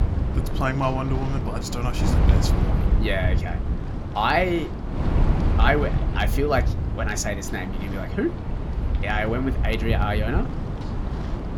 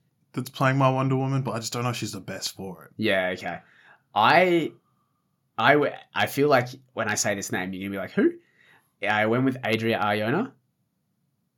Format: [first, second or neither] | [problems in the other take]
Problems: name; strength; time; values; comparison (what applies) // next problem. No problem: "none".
second | wind noise on the microphone; heavy; 8 dB below the speech